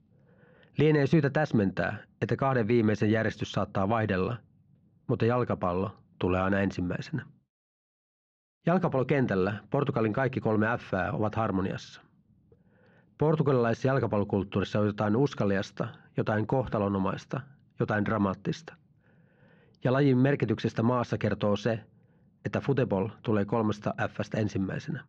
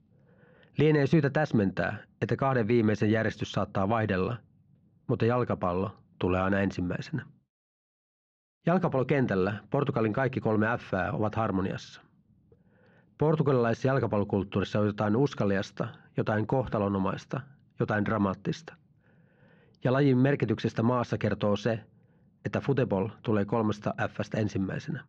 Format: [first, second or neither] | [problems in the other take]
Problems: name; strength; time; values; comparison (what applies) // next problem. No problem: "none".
neither | muffled; slightly; fading above 4 kHz; the same in both